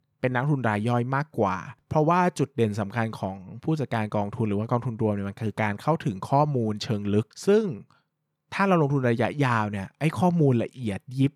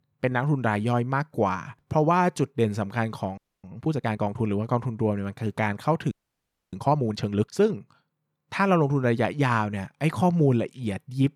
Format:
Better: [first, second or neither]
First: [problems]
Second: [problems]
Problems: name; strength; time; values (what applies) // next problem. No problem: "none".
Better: first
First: none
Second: audio freezing; at 3.5 s and at 6 s for 0.5 s